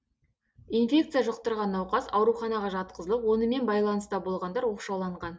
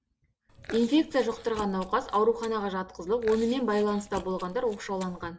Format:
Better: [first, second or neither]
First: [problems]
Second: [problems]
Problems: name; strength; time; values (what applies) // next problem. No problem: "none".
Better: first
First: none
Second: background sound (Chewing, mastication); 18 dB below the speech